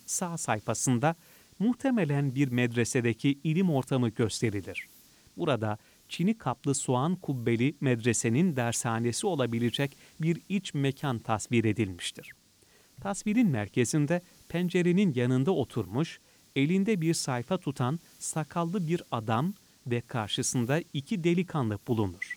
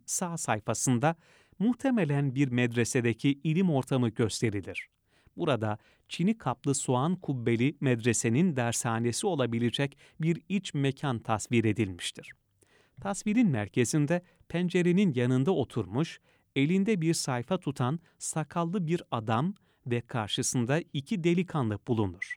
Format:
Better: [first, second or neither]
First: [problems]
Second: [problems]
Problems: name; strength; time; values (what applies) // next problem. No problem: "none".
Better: second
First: hiss; faint; throughout; 30 dB below the speech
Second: none